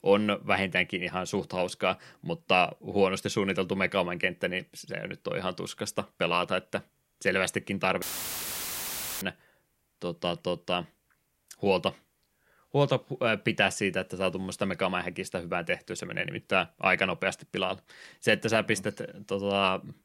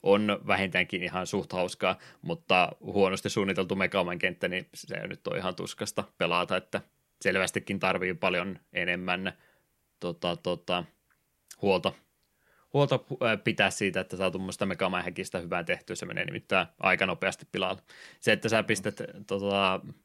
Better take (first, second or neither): second